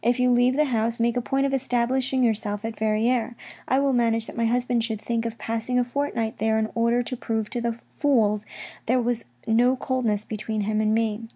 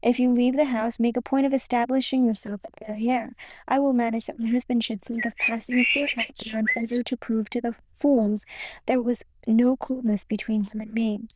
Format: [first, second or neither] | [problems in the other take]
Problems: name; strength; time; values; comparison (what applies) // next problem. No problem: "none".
first | noise reduction (neural diffusion model UNIVERSE++)